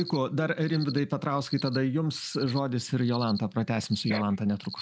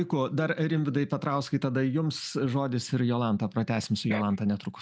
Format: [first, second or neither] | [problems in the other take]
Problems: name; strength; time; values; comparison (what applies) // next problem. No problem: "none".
second | background sound (Cricket); 16 dB below the speech